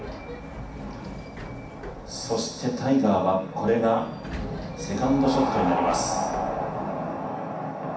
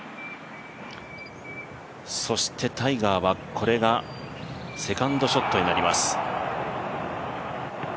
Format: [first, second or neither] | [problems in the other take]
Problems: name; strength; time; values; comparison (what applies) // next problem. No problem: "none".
second | background sound (Sliding door); 14 dB below the speech // room echo; dies away in 0.7 s